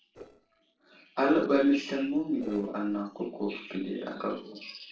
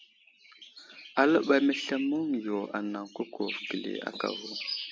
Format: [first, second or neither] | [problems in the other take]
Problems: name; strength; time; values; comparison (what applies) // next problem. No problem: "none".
second | noise reduction (neural separator model SepFormer DNS4)